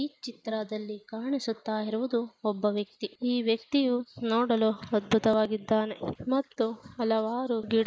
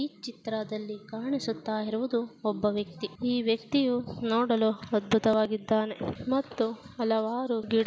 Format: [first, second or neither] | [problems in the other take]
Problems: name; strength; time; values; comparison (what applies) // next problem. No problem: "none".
second | noise reduction (neural mask model Resemble Enhance denoiser)